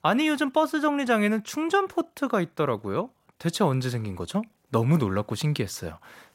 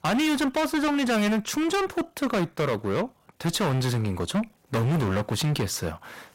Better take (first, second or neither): first